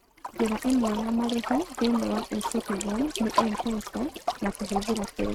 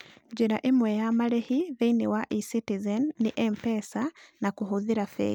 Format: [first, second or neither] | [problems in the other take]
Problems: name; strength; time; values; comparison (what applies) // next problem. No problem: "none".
second | noise reduction (neural mask model RNNoise)